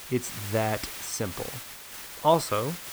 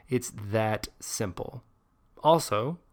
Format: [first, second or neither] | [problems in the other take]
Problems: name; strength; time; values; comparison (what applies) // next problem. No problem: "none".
second | hiss; loud; throughout; 9 dB below the speech